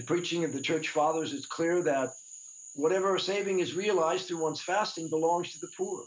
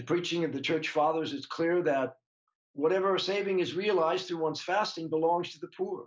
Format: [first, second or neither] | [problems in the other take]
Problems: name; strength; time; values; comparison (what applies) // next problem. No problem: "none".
second | background sound (Frog); 17 dB below the speech